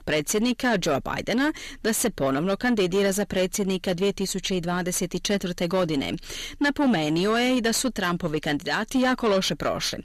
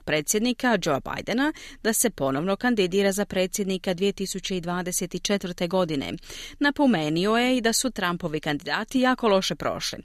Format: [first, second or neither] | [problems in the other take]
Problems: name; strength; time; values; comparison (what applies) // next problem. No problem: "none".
second | distortion; slight; 10 dB below the speech